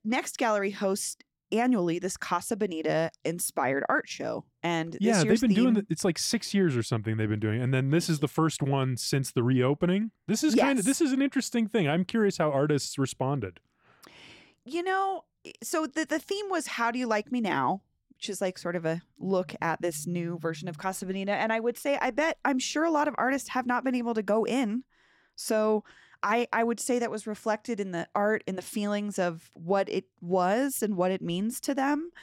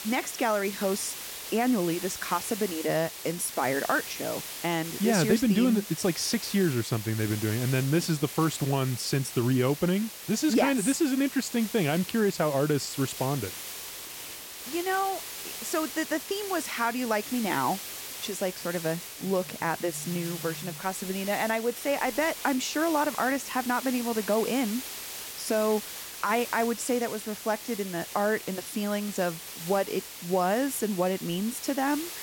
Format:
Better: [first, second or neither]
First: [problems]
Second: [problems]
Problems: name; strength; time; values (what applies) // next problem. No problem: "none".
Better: first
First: none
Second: hiss; loud; throughout; 9 dB below the speech